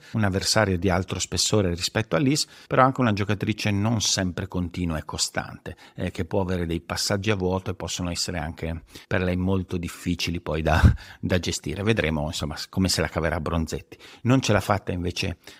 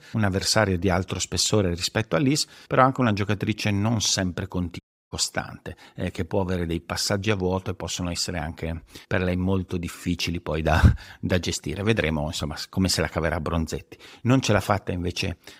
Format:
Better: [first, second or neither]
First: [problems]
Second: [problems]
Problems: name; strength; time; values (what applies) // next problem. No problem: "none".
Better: first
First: none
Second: audio cutting out; at 5 s